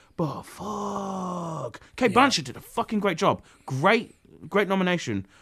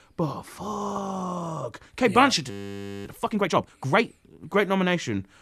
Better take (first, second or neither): first